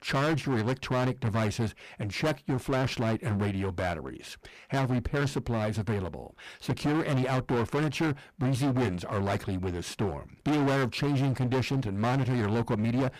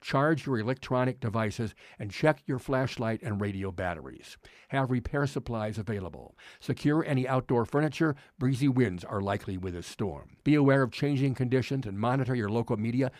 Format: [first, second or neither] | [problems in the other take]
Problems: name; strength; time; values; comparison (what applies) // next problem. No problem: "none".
second | distortion; heavy; 22% of the sound clipped